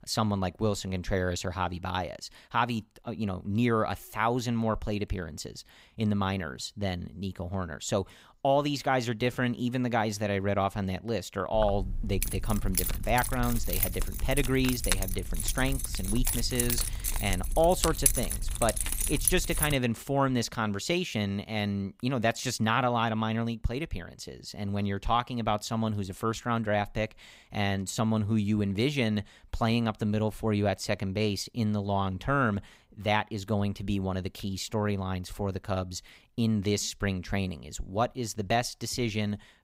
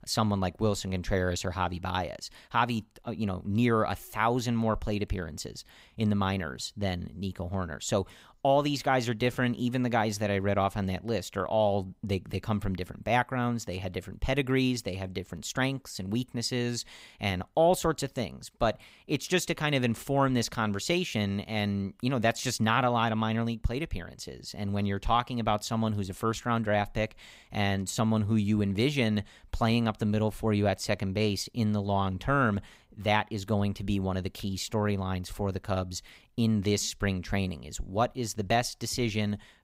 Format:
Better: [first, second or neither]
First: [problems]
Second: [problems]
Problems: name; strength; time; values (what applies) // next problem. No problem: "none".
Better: second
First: jangling keys; loud; from 12 to 20 s; peak 5 dB above the speech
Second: none